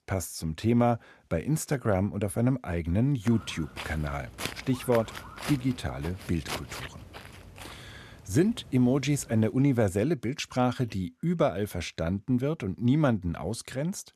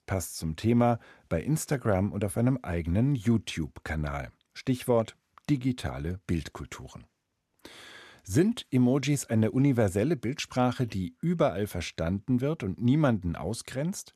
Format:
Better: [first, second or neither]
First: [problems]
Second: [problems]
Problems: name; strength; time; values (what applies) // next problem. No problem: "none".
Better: second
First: footsteps; noticeable; from 3.5 to 9.5 s; peak 8 dB below the speech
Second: none